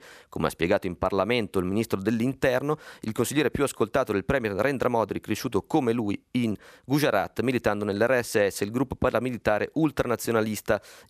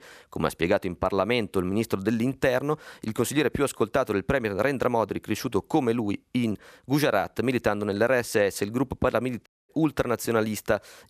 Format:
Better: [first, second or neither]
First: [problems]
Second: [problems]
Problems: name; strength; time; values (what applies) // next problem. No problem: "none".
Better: first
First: none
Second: audio cutting out; at 9.5 s